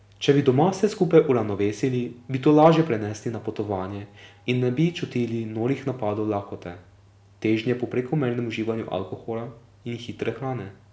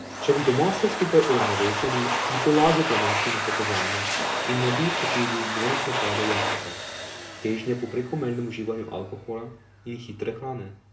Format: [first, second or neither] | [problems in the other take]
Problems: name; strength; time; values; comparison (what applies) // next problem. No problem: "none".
first | background sound (Domestic sounds, home sounds); 2 dB below the speech // room echo; dies away in 0.2 s